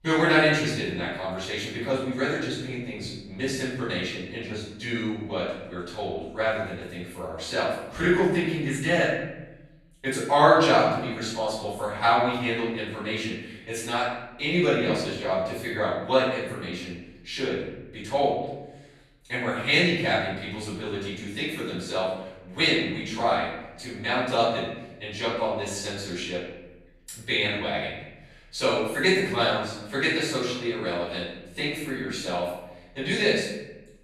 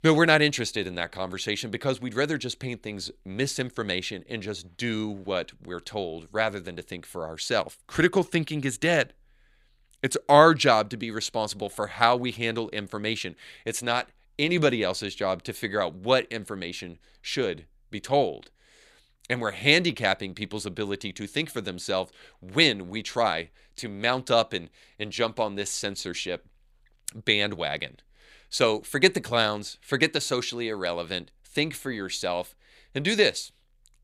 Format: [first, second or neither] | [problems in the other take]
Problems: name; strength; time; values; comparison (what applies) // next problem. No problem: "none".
second | room echo; noticeable; dies away in 0.9 s // off-mic speech; far